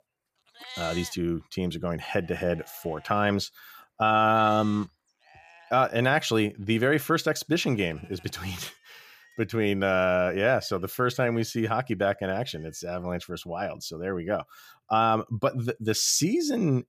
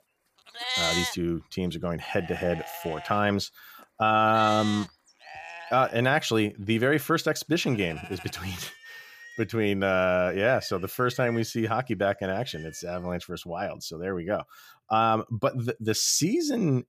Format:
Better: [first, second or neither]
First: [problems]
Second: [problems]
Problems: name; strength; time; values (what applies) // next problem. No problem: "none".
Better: first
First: animal sounds; faint; until 13 s; 20 dB below the speech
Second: animal sounds; loud; until 13 s; 9 dB below the speech